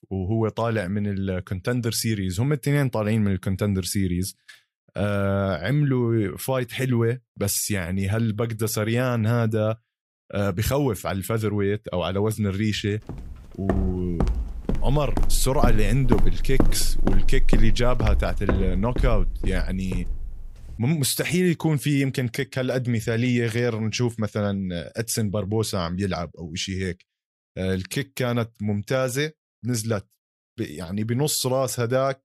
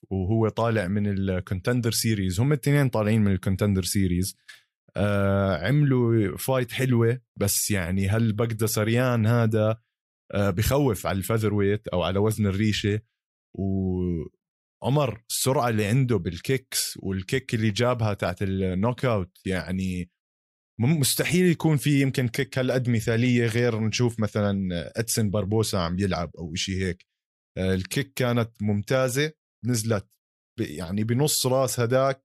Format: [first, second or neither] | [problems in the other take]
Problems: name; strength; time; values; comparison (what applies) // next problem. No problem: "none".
second | footsteps; noticeable; from 14 to 20 s; peak level with the speech